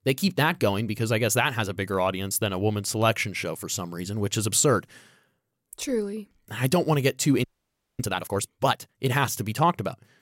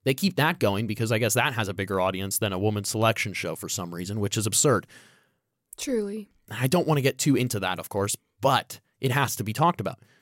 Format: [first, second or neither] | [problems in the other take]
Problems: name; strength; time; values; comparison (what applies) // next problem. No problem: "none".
second | audio freezing; at 7.5 s for 0.5 s